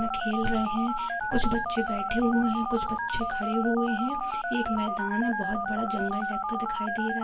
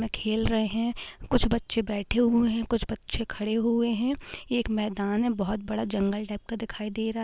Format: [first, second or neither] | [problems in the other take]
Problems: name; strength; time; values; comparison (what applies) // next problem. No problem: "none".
second | background sound (Telephone); 1 dB below the speech // room echo; dies away in 0.7 s